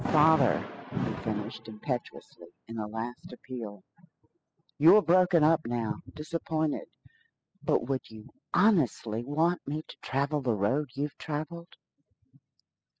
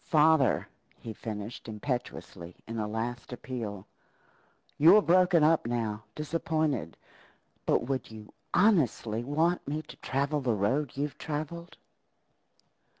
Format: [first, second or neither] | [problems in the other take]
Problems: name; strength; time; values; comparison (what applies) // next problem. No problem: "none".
second | noise reduction (classical method spectral subtraction)